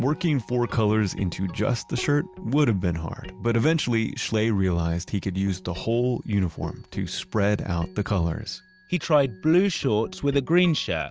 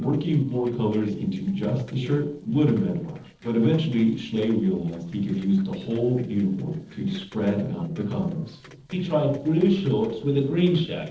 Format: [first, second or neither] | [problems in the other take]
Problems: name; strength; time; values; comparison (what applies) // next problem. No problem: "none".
first | noise reduction (neural separator model SepFormer DNS4)